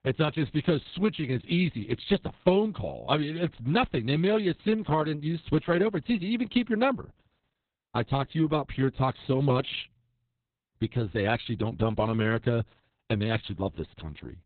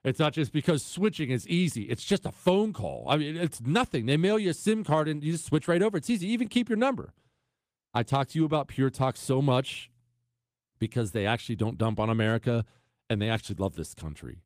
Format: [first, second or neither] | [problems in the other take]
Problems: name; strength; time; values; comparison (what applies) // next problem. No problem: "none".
second | garbled, watery; badly; nothing above 4 kHz; slightly in the second